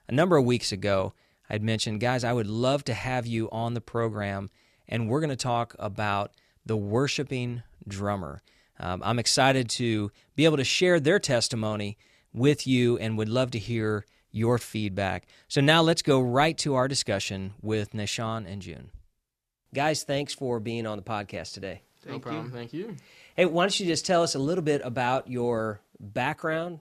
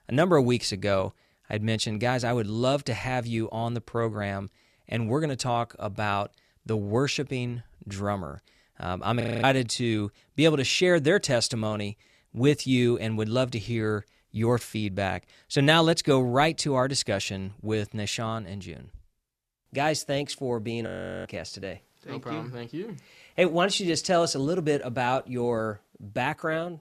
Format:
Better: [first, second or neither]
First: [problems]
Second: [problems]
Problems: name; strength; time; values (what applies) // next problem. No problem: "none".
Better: first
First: none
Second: audio freezing; at 9 s and at 21 s